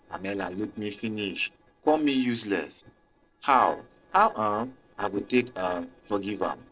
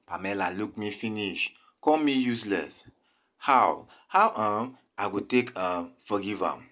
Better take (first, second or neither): second